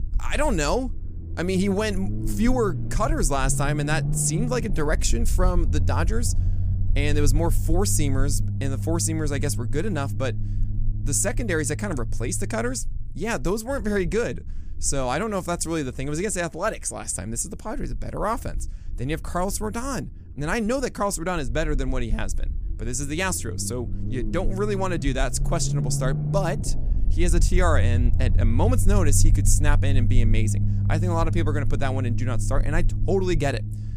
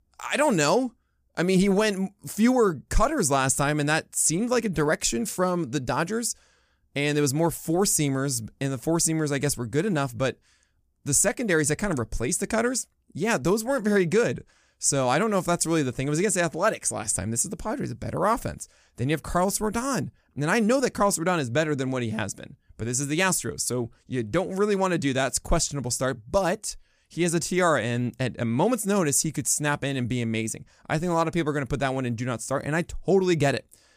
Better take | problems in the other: second | low rumble; noticeable; throughout; 15 dB below the speech

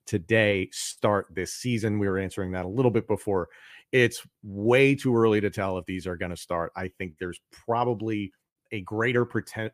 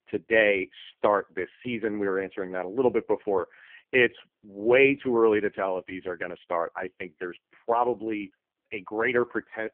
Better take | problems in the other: first | phone-call audio; poor line

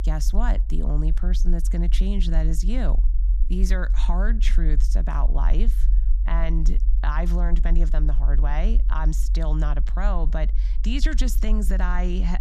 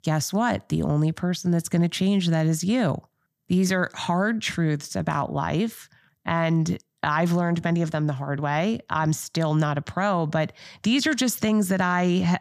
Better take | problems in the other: second | low rumble; noticeable; throughout; 15 dB below the speech

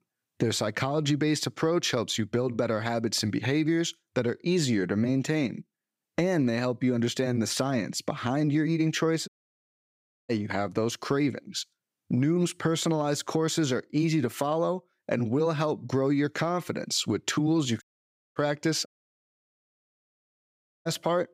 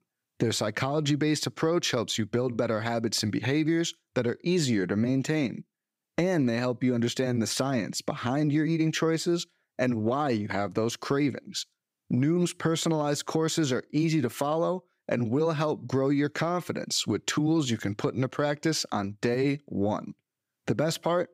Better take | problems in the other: second | audio cutting out; at 9.5 s for 1 s, at 18 s for 0.5 s and at 19 s for 2 s

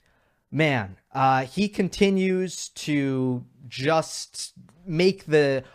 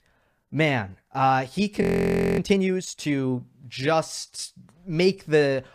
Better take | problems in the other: first | audio freezing; at 2 s for 0.5 s

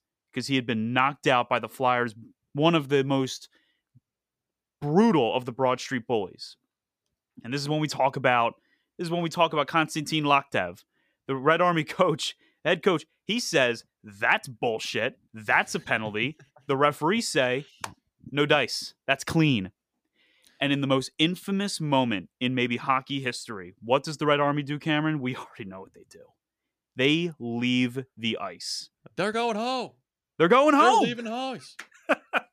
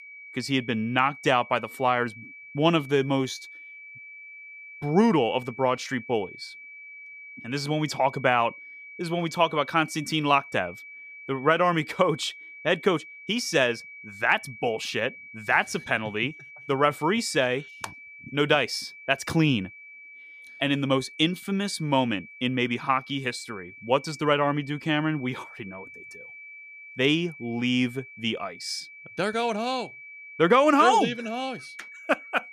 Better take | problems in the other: first | high-pitched whine; noticeable; throughout; 2.5 kHz, 15 dB below the speech

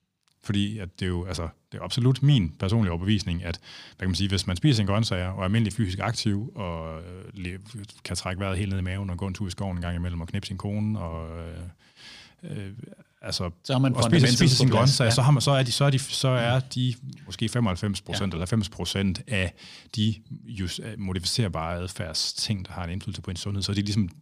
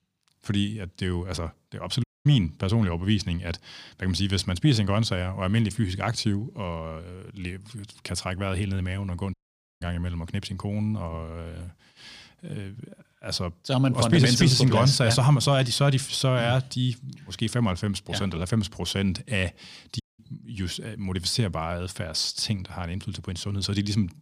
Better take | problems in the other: first | audio cutting out; at 2 s, at 9.5 s and at 20 s

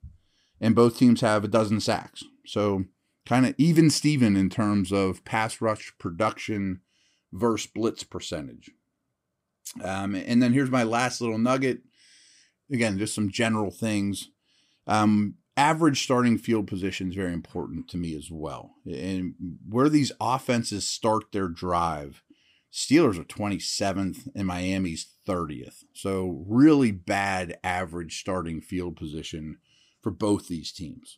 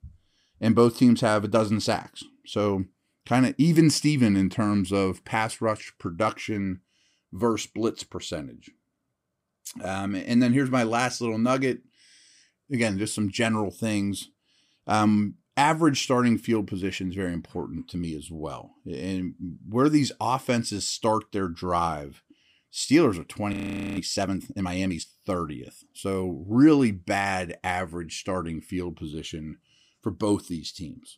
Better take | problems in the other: first | audio freezing; at 24 s

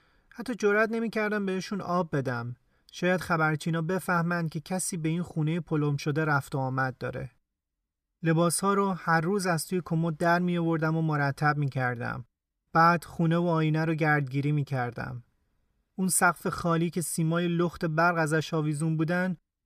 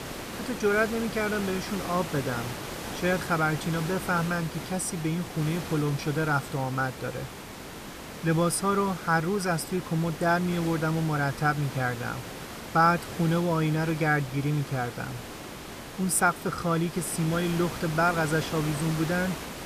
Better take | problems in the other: first | hiss; loud; throughout; 10 dB below the speech

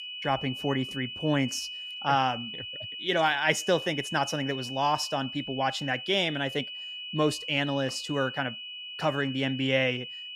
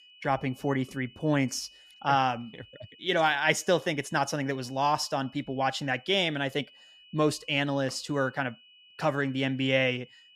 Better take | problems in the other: second | high-pitched whine; loud; throughout; 3 kHz, 8 dB below the speech; faint in the second

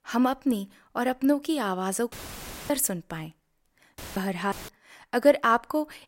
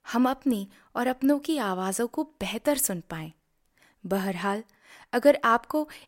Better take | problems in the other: second | audio cutting out; filled with static; at 2 s for 0.5 s, at 4 s and at 4.5 s

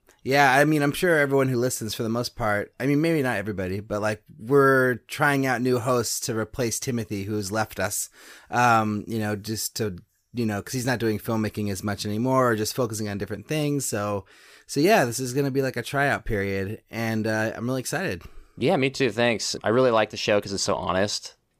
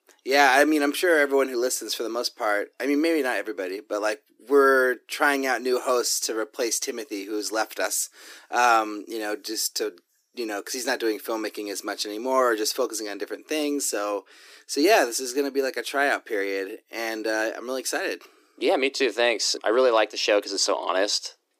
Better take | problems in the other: first | thin; somewhat; fading below 300 Hz

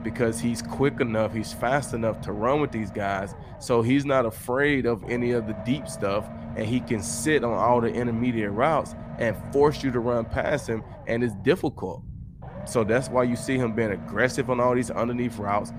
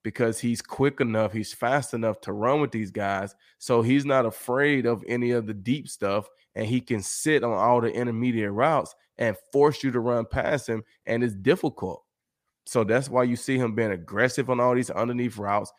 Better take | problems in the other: second | low rumble; noticeable; throughout; 15 dB below the speech

